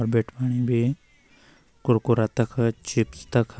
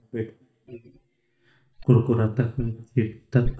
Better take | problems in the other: first | noise reduction (neural mask model DeepFilterNet 3)

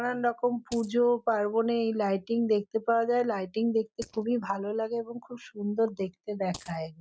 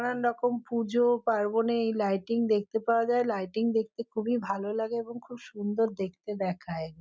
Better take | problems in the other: second | noise reduction (neural mask model Resemble Enhance denoiser)

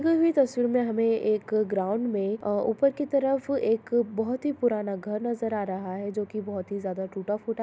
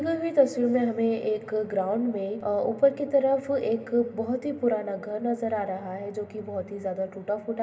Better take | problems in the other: first | room echo; dies away in 1.8 s

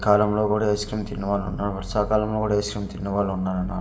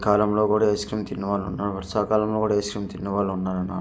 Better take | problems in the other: second | background sound (Accelerating, revving, vroom); 14 dB below the speech // room echo; dies away in 1.5 s

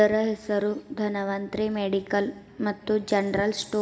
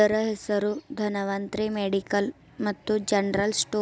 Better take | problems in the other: second | room echo; dies away in 1.3 s

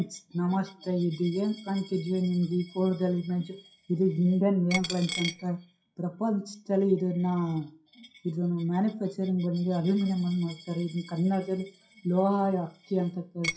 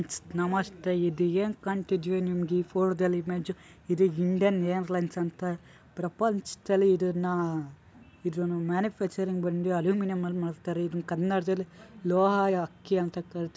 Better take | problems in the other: second | noise reduction (classical method WPE with log-MMSE)

